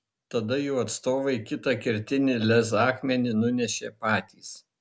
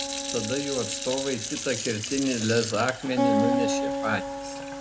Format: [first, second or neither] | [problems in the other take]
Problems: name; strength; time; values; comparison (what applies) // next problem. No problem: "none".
first | background sound (Fill (with liquid) / Sink (filling or washing) + Acoustic guitar); 1 dB below the speech